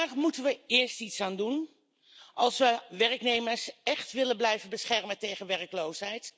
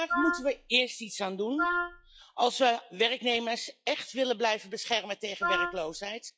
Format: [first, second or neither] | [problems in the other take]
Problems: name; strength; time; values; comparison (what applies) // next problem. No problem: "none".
first | noise reduction (classical method log-MMSE)